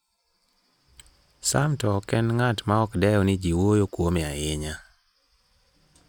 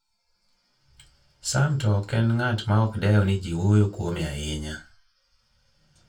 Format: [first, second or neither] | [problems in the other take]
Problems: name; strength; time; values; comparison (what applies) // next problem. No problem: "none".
first | room echo; dies away in 0.2 s